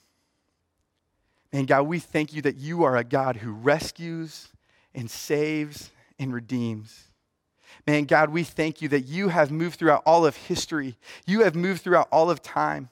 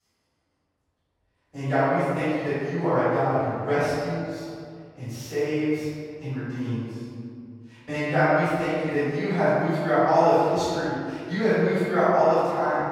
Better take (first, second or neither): first